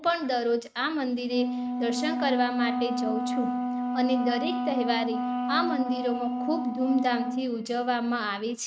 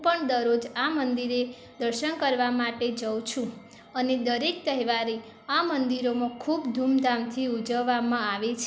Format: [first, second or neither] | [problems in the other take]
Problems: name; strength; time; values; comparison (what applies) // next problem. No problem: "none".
second | noise reduction (neural mask model RNNoise)